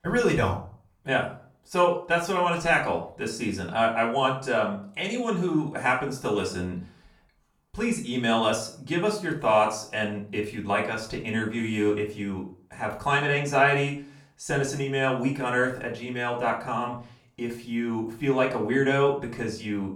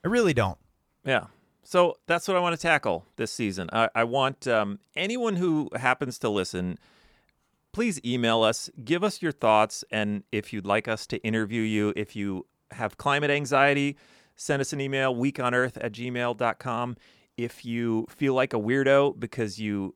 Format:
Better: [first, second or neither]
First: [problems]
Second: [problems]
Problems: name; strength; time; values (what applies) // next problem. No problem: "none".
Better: second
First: off-mic speech; far // room echo; slight; dies away in 0.4 s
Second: none